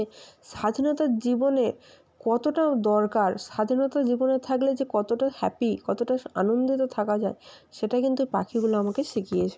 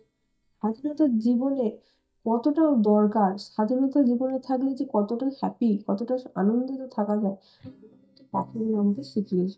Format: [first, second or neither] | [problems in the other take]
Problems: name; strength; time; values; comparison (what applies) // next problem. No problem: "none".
first | noise reduction (neural mask model DeepFilterNet 3)